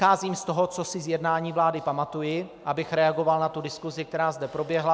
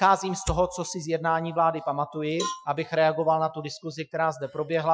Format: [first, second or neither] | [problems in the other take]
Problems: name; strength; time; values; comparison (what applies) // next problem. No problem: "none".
first | noise reduction (classical method Wiener filter)